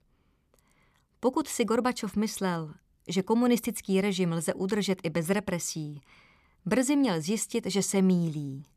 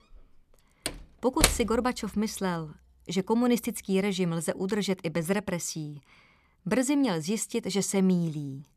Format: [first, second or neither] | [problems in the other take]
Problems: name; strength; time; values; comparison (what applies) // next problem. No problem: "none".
first | door banging; loud; at 1 s; peak 4 dB above the speech